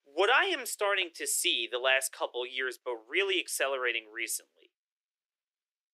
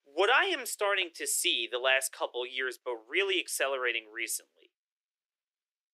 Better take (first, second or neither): neither